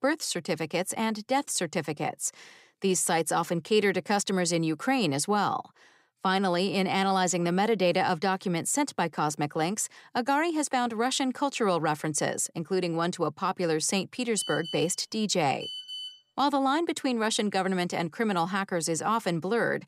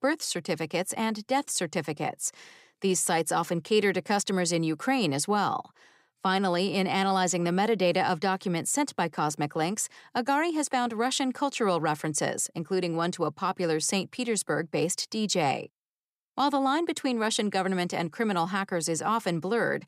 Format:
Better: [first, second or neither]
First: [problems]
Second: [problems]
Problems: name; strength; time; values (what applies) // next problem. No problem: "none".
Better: second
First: phone ringing; noticeable; from 14 to 16 s; peak 8 dB below the speech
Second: none